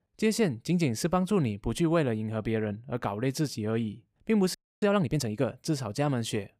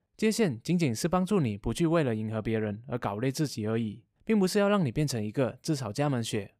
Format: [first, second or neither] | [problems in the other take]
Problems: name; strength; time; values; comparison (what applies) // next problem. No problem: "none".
second | audio freezing; at 4.5 s